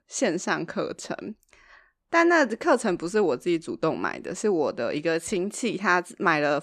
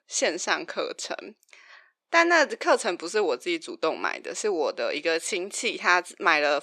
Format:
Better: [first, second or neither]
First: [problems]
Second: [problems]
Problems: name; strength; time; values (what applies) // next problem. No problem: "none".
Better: first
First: none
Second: thin; somewhat; fading below 500 Hz